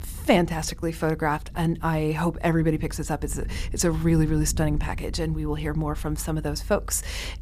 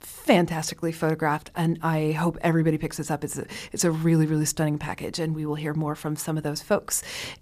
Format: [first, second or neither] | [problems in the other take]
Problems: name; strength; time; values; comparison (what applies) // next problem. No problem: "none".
second | low rumble; faint; throughout; 25 dB below the speech